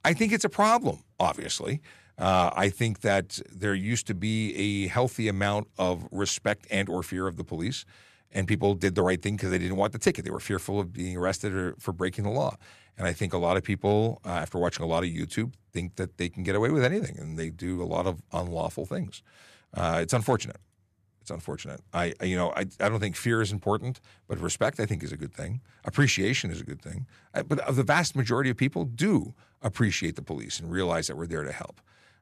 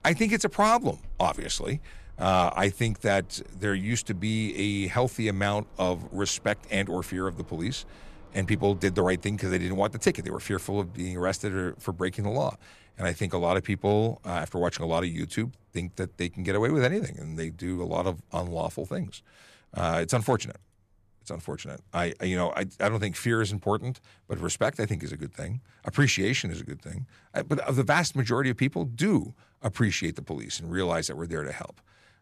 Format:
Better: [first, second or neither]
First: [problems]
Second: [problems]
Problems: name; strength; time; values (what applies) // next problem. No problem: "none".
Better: first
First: none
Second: train or aircraft noise; faint; throughout; 25 dB below the speech